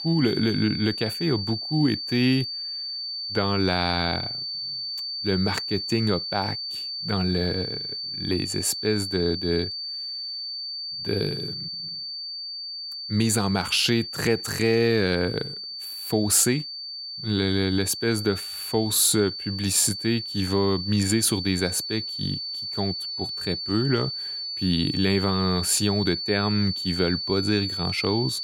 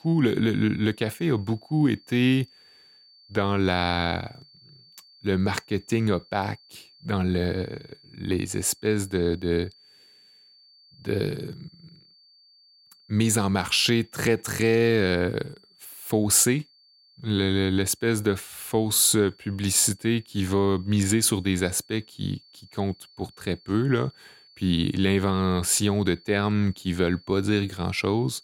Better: second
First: high-pitched whine; loud; throughout; 4.5 kHz, 5 dB below the speech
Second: high-pitched whine; faint; throughout; 4.5 kHz, 30 dB below the speech

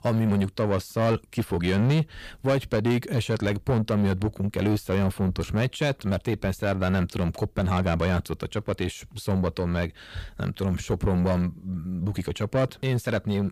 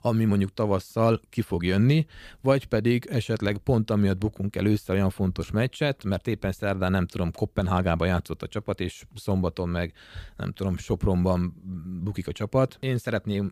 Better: second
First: distortion; slight; 10 dB below the speech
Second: none

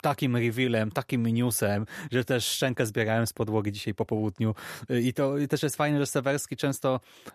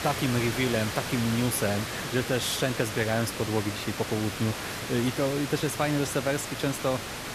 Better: first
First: none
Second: hiss; loud; throughout; 5 dB below the speech

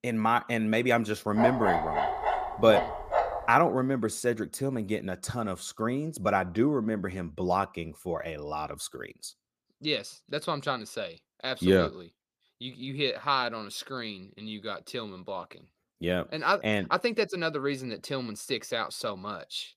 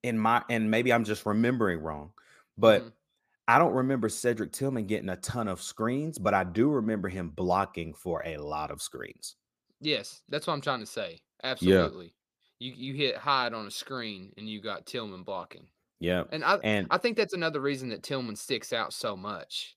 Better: second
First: dog barking; loud; from 1.5 to 3.5 s; peak 3 dB above the speech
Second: none

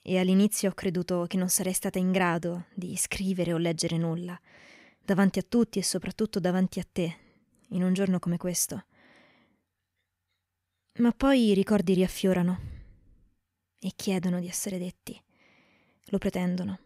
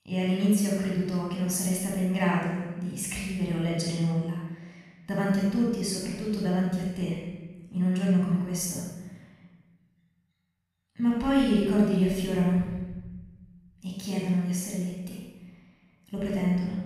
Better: first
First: none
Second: off-mic speech; far // room echo; strong; dies away in 1.2 s

